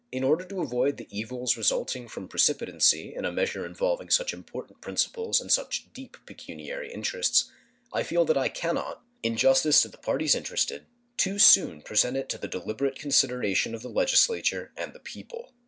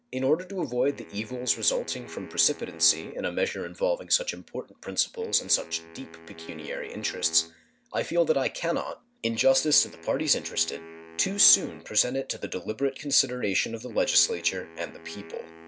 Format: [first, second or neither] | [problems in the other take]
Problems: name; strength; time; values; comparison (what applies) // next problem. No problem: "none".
first | background sound (Wind instrument, woodwind instrument); 20 dB below the speech